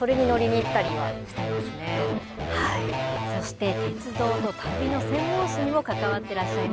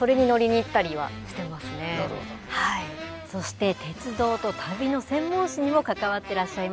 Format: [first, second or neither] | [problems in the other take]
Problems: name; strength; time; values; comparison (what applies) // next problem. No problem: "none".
second | background sound (Electric guitar / Bass guitar); 1 dB below the speech